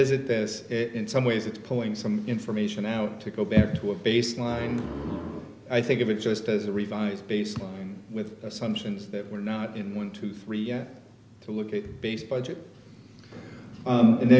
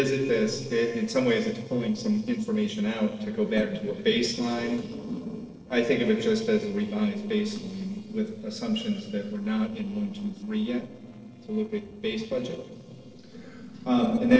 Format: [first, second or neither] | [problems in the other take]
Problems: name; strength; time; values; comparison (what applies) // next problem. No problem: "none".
first | noise reduction (neural separator model SepFormer DNS4)